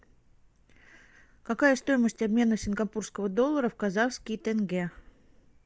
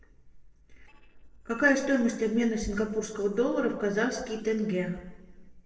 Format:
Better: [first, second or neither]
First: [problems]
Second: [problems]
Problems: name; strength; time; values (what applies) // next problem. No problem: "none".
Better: first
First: none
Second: noise reduction (neural separator model SepFormer DNS4)